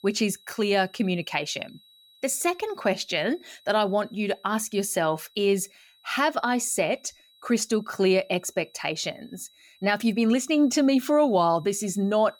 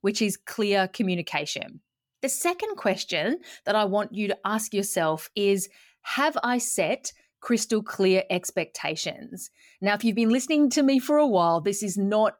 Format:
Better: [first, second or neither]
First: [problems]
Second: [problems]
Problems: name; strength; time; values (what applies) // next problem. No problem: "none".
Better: second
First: high-pitched whine; faint; throughout; 4 kHz, 30 dB below the speech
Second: none